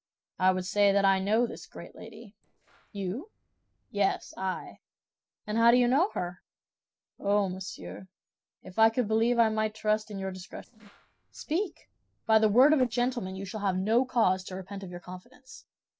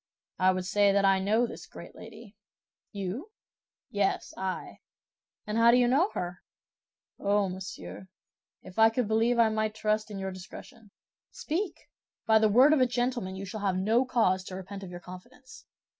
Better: second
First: noise reduction (neural separator model SepFormer DNS4)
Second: none

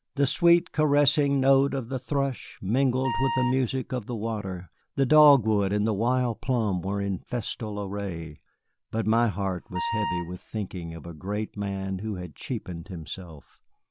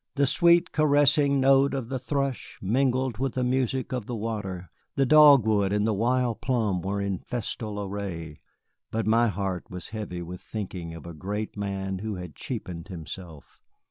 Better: second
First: background sound (Wind instrument, woodwind instrument); 6 dB below the speech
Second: none

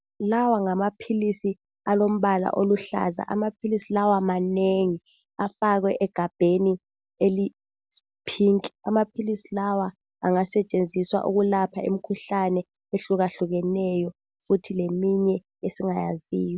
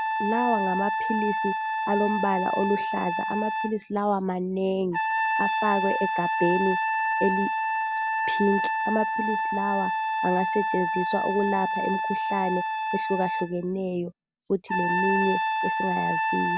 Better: first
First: none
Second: background sound (Trumpet); 1 dB above the speech

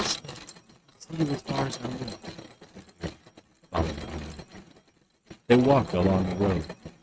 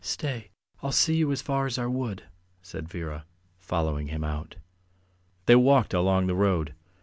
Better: second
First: noise reduction (neural mask model RNNoise)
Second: none

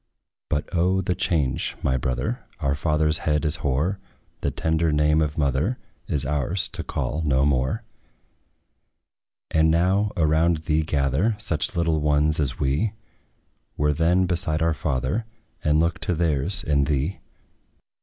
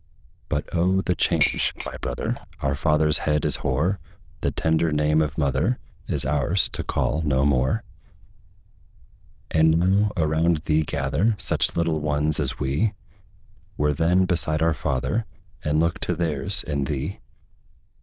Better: first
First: none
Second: noise reduction (neural diffusion model UNIVERSE++)

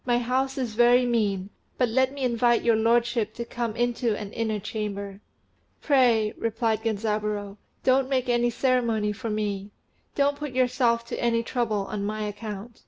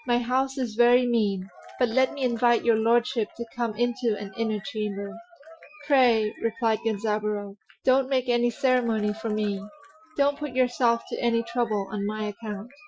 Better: first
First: none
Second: noise reduction (classical method Wiener filter)

